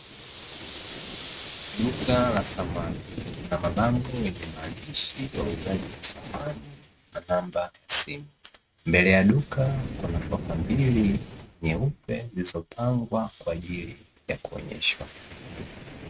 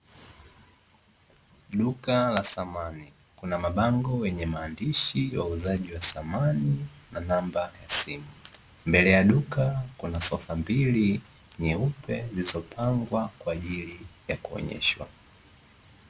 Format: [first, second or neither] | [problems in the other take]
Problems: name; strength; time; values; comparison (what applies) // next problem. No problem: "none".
second | noise reduction (neural mask model RNNoise)